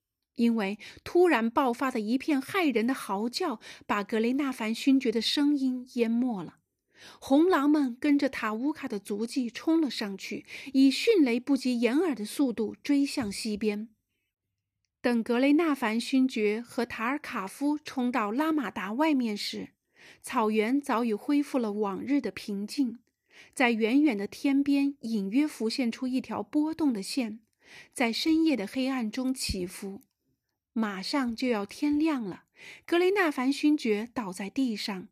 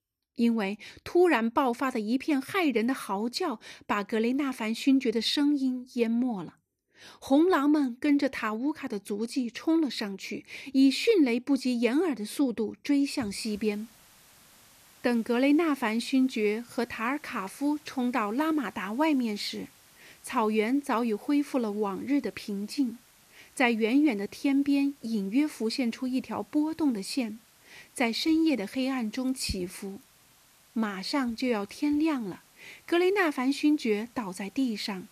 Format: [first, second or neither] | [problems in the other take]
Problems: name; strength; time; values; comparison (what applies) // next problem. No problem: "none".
first | hiss; faint; from 13 s on; 30 dB below the speech